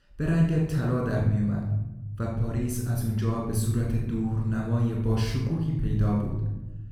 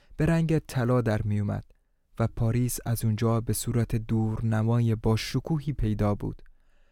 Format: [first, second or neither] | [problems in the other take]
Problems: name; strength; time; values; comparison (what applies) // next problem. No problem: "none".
second | off-mic speech; somewhat distant // room echo; noticeable; dies away in 1.5 s